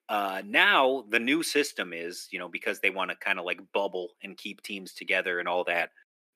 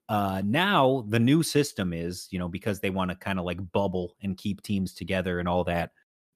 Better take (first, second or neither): second